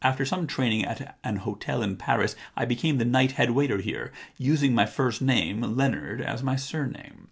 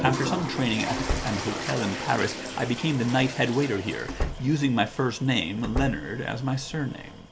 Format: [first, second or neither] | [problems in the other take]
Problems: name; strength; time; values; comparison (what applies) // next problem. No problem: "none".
first | background sound (Toilet flush + Slam); 6 dB below the speech